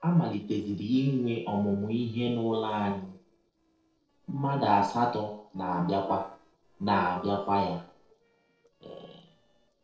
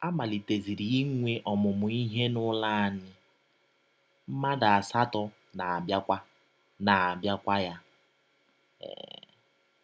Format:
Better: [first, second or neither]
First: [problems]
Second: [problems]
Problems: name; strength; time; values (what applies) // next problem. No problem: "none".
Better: second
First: noise reduction (neural separator model SepFormer DNS4)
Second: none